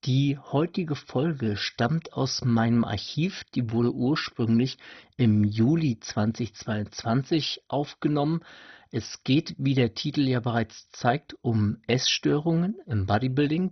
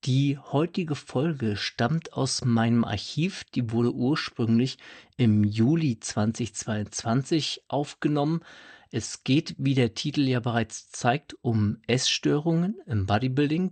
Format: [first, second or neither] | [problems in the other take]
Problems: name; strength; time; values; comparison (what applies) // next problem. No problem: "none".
second | garbled, watery; badly; nothing above 6 kHz; slightly in the second